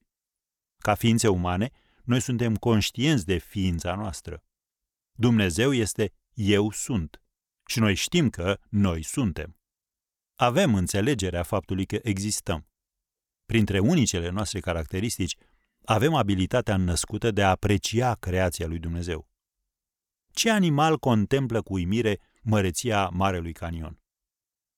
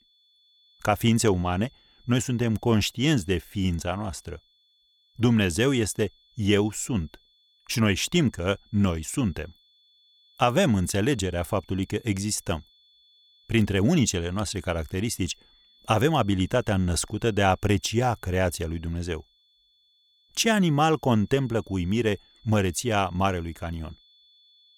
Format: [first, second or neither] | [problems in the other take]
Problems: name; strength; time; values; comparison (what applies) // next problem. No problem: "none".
first | high-pitched whine; faint; throughout; 3.5 kHz, 30 dB below the speech